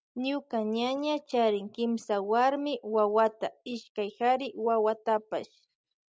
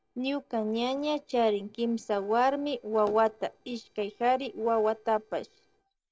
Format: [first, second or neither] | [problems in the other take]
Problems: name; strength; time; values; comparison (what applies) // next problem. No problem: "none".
first | noise reduction (neural separator model SepFormer DNS4)